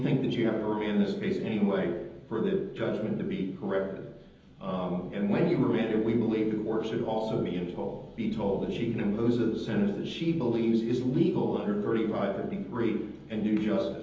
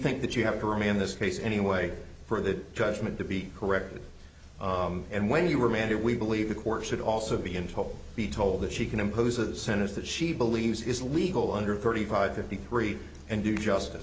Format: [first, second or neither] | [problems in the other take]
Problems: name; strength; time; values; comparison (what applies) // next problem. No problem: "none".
second | room echo; dies away in 0.9 s